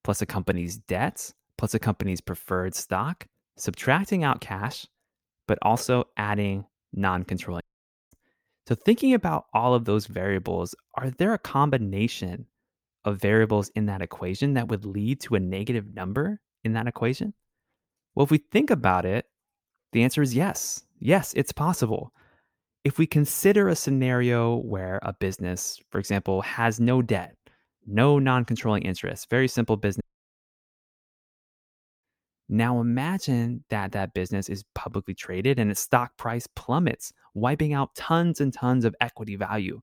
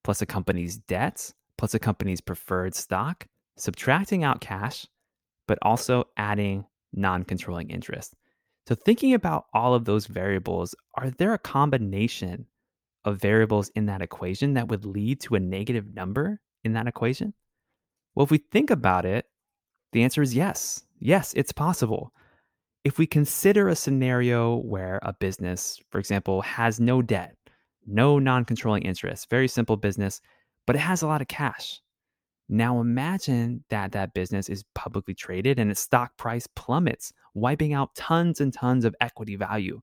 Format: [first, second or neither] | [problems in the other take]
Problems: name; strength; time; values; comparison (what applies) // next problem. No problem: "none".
second | audio cutting out; at 7.5 s and at 30 s for 2 s